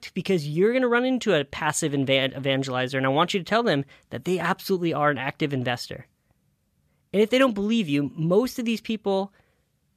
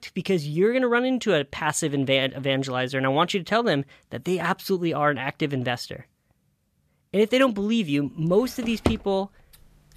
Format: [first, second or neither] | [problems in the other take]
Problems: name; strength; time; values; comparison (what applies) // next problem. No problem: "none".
first | household noises; loud; from 8 s on; 6 dB below the speech